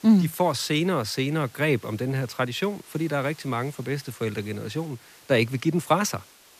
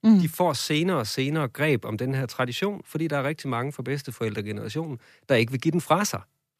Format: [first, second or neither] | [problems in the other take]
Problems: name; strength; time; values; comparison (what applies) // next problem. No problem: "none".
second | hiss; faint; throughout; 25 dB below the speech